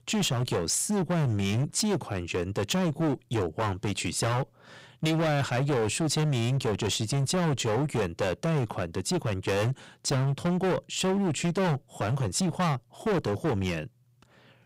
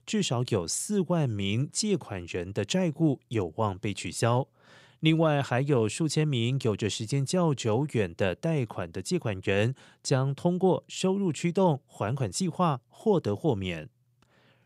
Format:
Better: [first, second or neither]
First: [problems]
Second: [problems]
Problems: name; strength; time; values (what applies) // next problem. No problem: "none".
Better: second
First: distortion; heavy; 23% of the sound clipped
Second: none